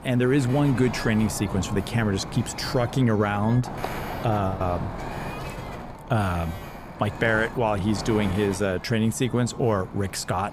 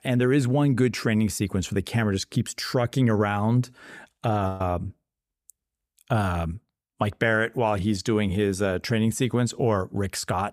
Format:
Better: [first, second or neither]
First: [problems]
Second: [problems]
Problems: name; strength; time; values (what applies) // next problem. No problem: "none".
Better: second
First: wind noise on the microphone; heavy; 9 dB below the speech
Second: none